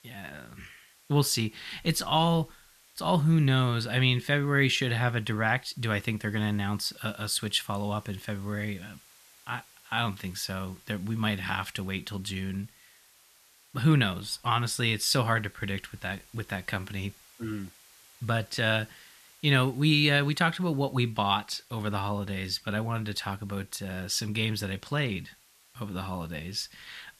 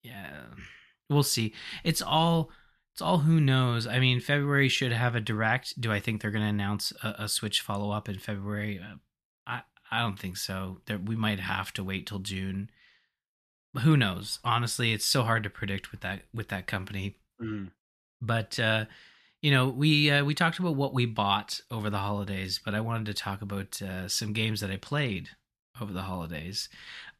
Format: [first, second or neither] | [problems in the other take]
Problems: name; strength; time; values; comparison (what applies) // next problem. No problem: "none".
second | hiss; faint; throughout; 25 dB below the speech